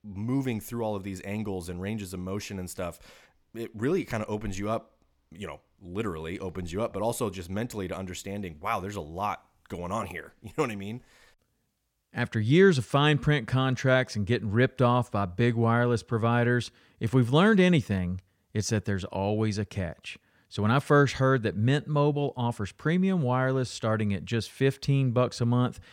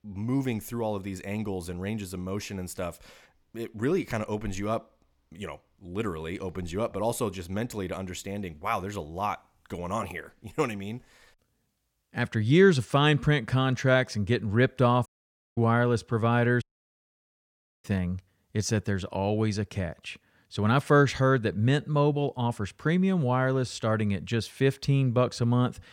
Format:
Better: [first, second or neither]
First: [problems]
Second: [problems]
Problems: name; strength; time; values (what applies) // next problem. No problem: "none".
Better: first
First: none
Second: audio cutting out; at 15 s for 0.5 s and at 17 s for 1 s